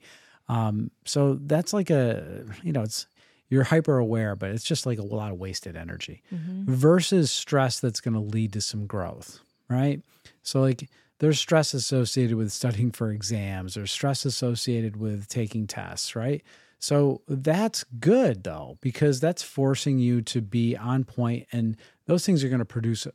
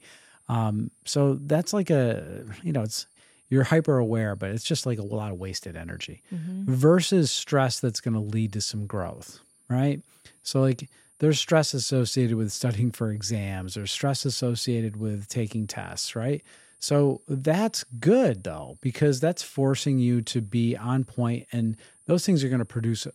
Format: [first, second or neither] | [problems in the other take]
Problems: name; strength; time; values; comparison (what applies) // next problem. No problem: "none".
first | high-pitched whine; faint; throughout; 9 kHz, 30 dB below the speech